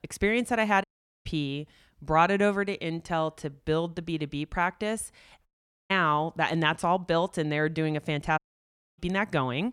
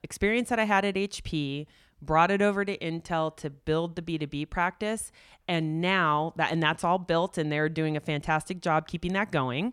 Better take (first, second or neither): second